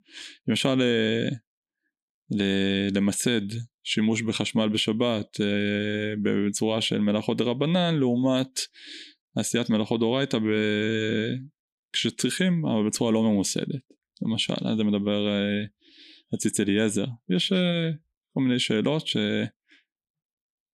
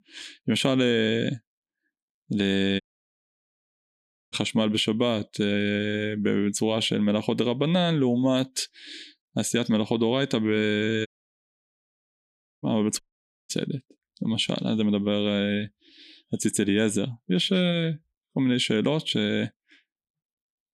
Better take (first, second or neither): first